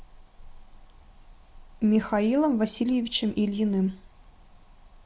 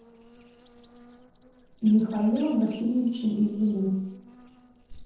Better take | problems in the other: first | noise reduction (neural separator model SepFormer DNS4)

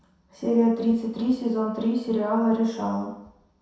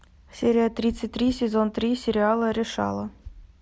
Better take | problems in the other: second | room echo; dies away in 0.7 s

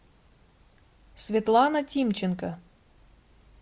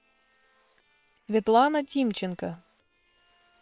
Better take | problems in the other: first | noise reduction (neural separator model SepFormer WHAM!)

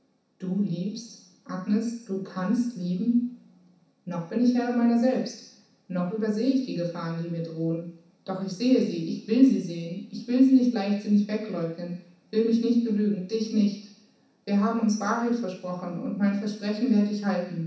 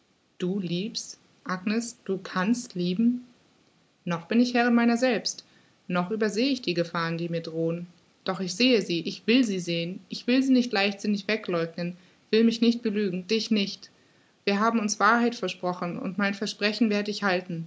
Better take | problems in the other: second | room echo; dies away in 0.7 s

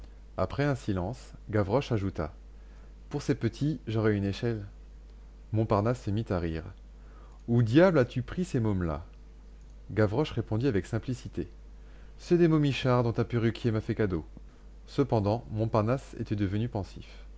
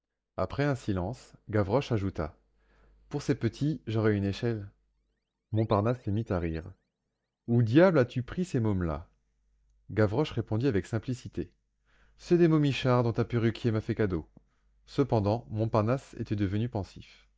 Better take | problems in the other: first | noise reduction (neural mask model DeepFilterNet 3)

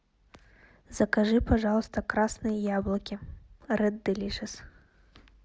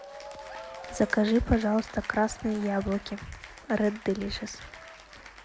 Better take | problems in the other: first | background sound (Applause / Cheering); 15 dB below the speech

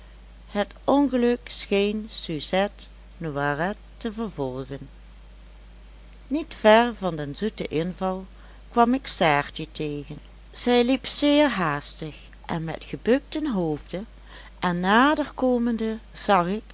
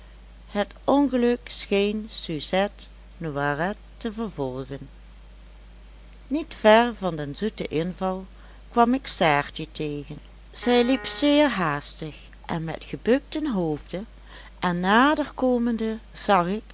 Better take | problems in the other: first | background sound (Piano); 15 dB below the speech

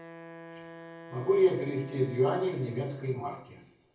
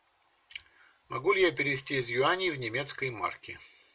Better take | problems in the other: second | background sound (Wind instrument, woodwind instrument); 17 dB below the speech // room echo; dies away in 0.9 s

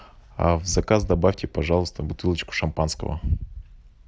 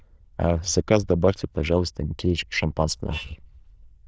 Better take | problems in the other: first | noise reduction (neural diffusion model UNIVERSE++)

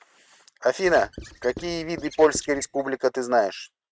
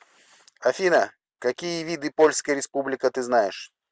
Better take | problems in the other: second | noise reduction (neural mask model RNNoise)

